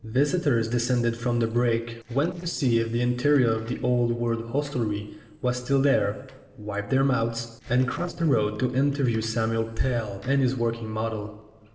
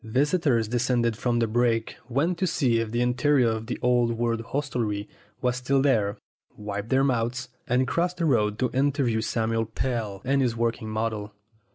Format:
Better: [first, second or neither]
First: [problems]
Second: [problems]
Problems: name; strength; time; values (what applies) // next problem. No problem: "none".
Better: second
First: noise reduction (neural separator model SepFormer DNS4)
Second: none